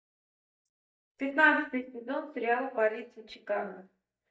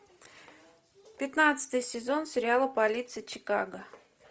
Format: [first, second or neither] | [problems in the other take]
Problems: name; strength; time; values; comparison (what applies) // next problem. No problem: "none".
second | noise reduction (neural mask model DeepFilterNet 3)